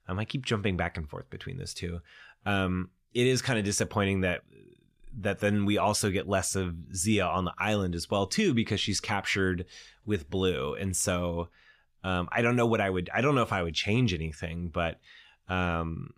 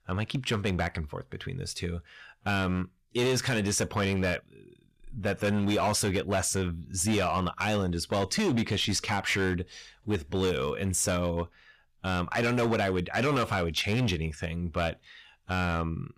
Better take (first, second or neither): first